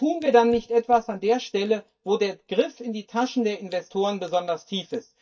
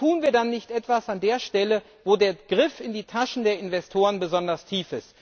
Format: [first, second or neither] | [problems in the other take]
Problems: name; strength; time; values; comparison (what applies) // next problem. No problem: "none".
second | noise reduction (neural mask model DeepFilterNet 3)